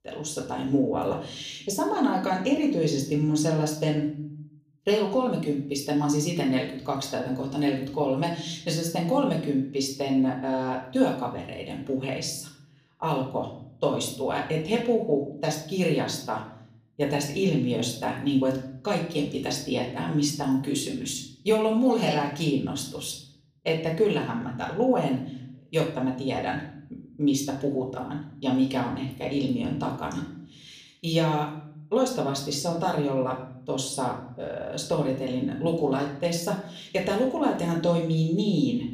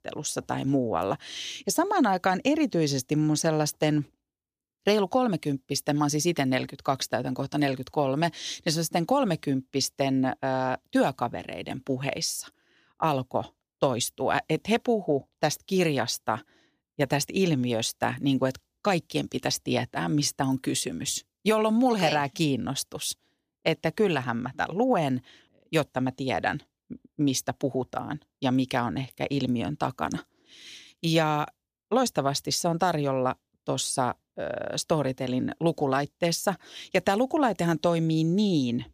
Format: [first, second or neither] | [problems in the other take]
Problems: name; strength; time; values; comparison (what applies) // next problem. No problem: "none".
second | room echo; slight; dies away in 0.6 s // off-mic speech; somewhat distant